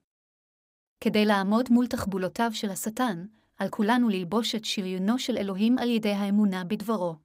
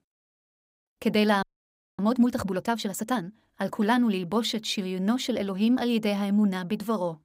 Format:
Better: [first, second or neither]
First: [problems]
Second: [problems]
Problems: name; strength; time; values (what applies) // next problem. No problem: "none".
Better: first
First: none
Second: audio freezing; at 1.5 s for 0.5 s